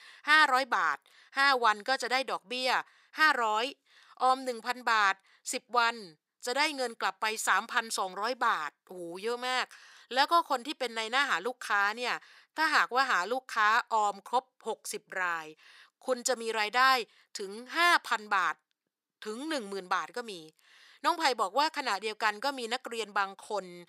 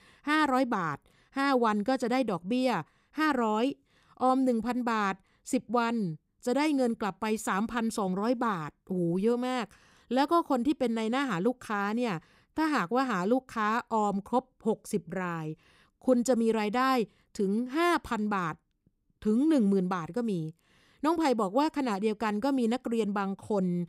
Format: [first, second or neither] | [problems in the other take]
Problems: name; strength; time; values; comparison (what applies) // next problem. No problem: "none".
second | thin; very; fading below 800 Hz